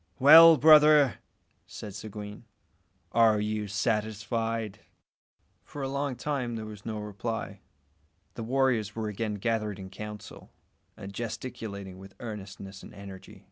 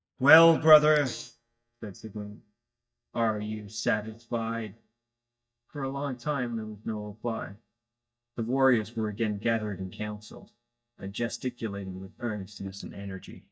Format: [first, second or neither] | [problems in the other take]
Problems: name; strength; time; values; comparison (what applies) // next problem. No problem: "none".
first | noise reduction (neural mask model DeepFilterNet 3)